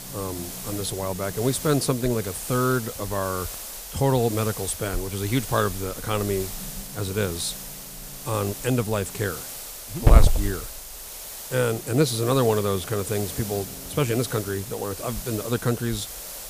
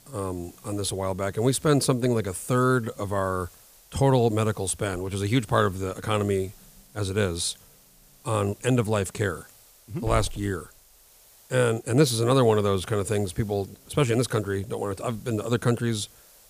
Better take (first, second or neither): second